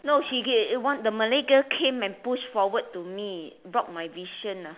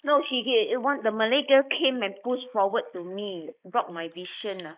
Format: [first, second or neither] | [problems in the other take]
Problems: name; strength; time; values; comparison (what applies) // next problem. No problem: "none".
first | noise reduction (neural mask model Resemble Enhance denoiser)